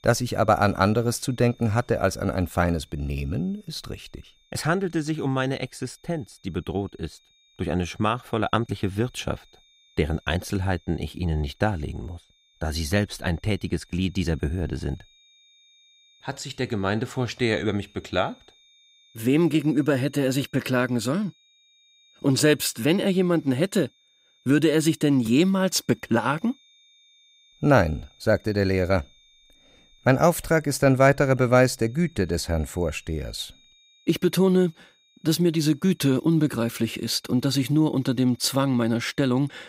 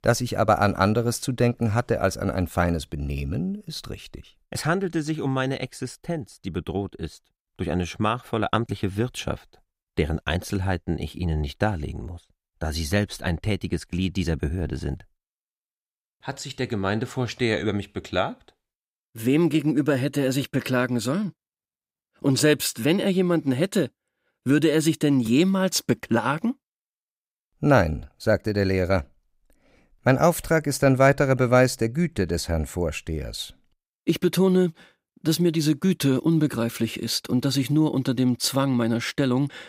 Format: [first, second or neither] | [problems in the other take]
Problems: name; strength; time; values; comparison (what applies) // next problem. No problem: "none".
second | high-pitched whine; faint; throughout; 3.5 kHz, 35 dB below the speech